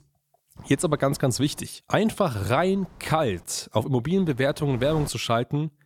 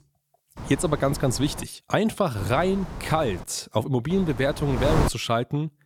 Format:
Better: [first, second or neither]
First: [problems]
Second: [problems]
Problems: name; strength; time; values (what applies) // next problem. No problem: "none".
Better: first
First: wind noise on the microphone; occasional gusts; from 0.5 to 1.5 s, from 2.5 to 3.5 s and at 4 s; 25 dB below the speech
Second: wind noise on the microphone; heavy; from 0.5 to 1.5 s, from 2.5 to 3.5 s and at 4 s; 9 dB below the speech